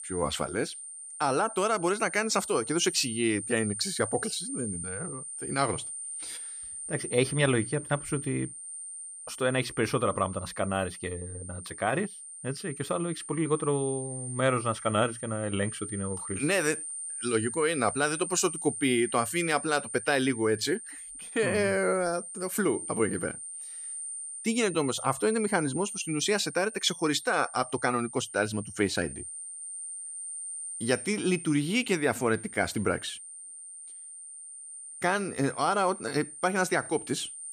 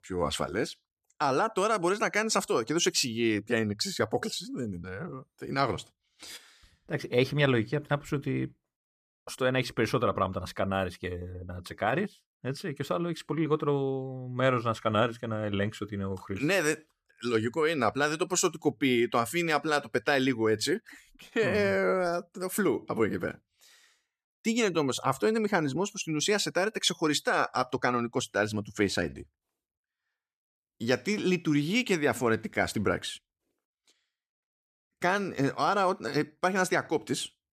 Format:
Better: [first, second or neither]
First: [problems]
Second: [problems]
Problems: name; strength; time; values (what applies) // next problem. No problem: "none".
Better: second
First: high-pitched whine; loud; throughout; 9 kHz, 8 dB below the speech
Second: none